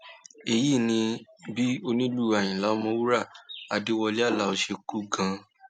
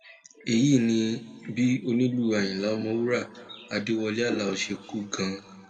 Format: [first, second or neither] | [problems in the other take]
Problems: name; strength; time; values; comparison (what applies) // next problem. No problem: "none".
first | room echo; dies away in 1.6 s